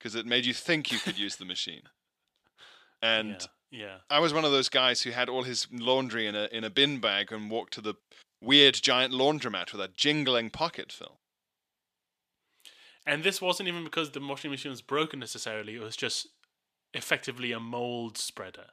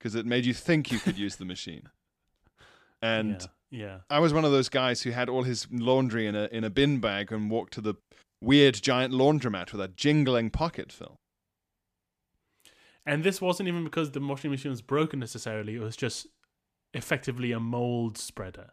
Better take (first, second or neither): second